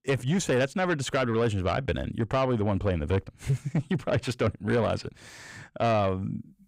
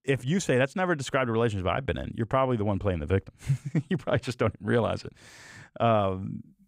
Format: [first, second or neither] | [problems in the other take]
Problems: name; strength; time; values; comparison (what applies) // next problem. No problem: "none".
second | distortion; slight; 10 dB below the speech